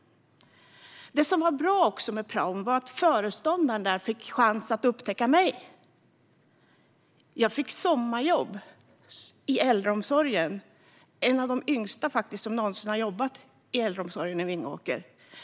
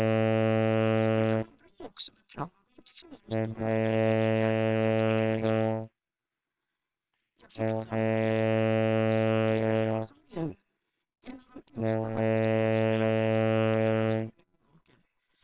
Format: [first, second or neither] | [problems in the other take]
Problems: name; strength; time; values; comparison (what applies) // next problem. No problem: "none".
first | noise reduction (neural separator model SepFormer WHAMR!)